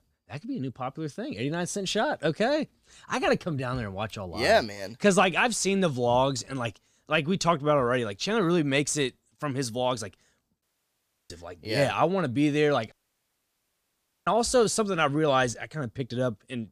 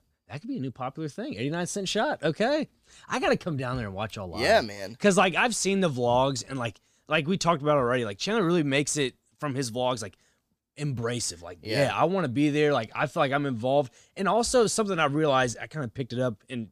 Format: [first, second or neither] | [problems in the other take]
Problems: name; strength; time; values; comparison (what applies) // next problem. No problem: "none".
second | audio cutting out; at 11 s for 0.5 s and at 13 s for 1.5 s